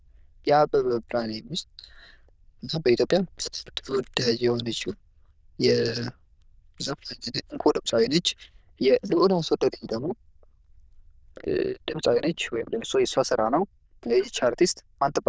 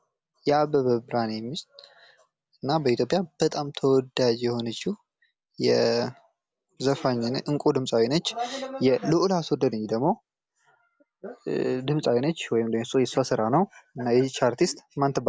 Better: second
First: noise reduction (neural diffusion model UNIVERSE++)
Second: none

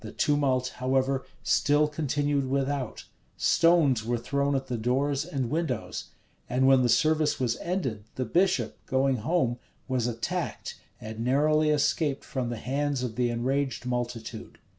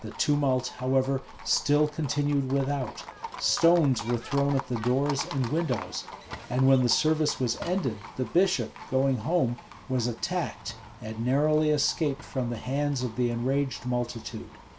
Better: first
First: none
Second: background sound (Livestock, farm animals, working animals); 16 dB below the speech

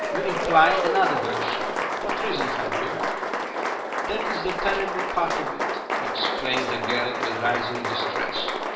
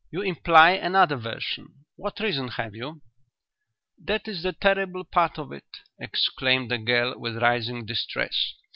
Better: second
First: background sound (Applause); 1 dB above the speech // room echo; dies away in 0.9 s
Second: none

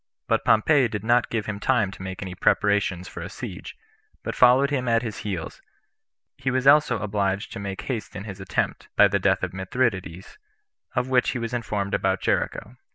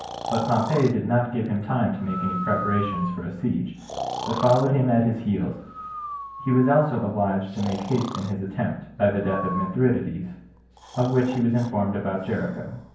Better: first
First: none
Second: background sound (Breathing); 11 dB below the speech // room echo; dies away in 0.9 s

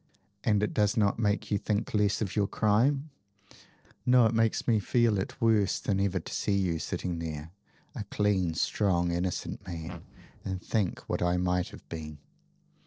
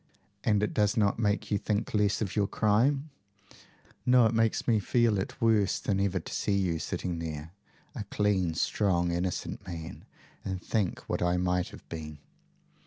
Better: second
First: noise reduction (neural separator model SepFormer DNS4)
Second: none

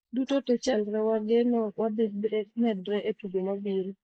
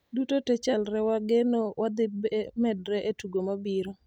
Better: second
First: noise reduction (neural mask model Resemble Enhance denoiser)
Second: none

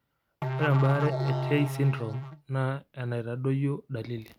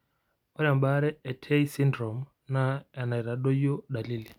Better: second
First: background sound (Musical instrument); 1 dB below the speech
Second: none

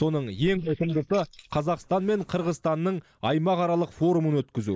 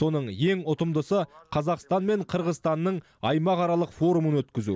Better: second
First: noise reduction (neural mask model Resemble Enhance denoiser)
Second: none

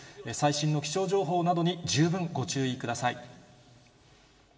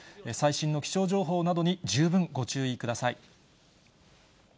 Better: second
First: room echo; dies away in 2.3 s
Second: none

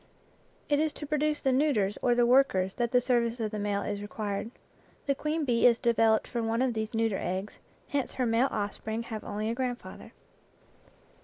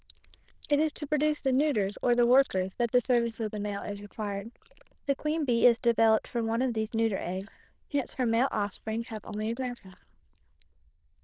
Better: first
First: none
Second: noise reduction (neural diffusion model UNIVERSE++)

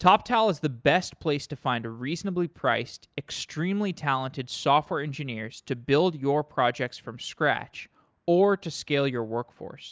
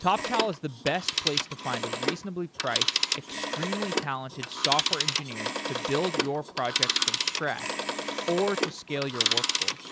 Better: first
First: none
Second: background sound (Telephone); 2 dB above the speech

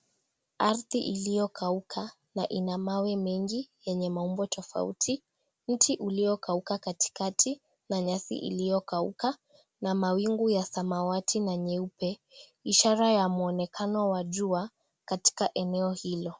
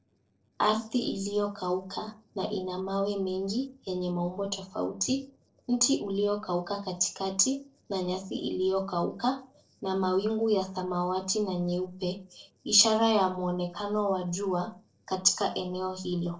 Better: first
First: none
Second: noise reduction (neural separator model SepFormer DNS4)

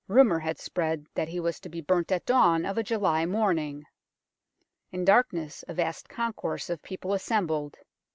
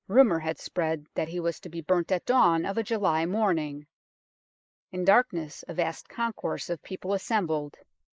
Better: first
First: none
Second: noise reduction (neural mask model Resemble Enhance denoiser)

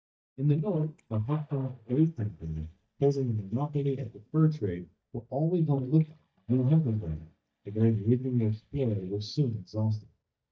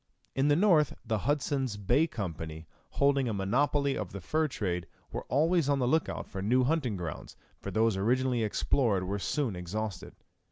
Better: second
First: noise reduction (neural mask model DeepFilterNet 3)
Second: none

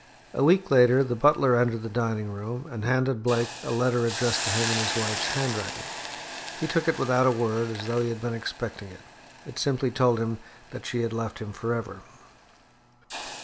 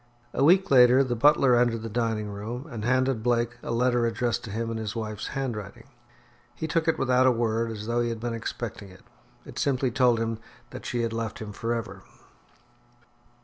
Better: second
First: background sound (Hiss); 10 dB below the speech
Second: none

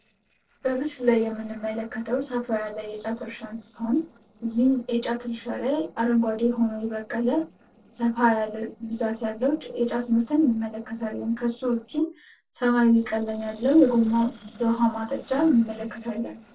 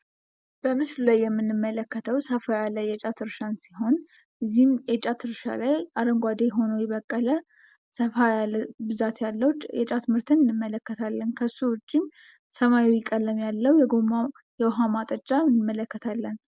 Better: second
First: noise reduction (neural separator model SepFormer DNS4)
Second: none

